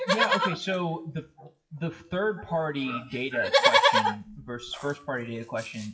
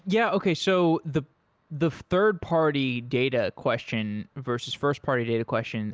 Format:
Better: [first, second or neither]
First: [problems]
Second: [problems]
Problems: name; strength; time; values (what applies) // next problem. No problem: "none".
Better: second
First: noise reduction (classical method WPE with log-MMSE)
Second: none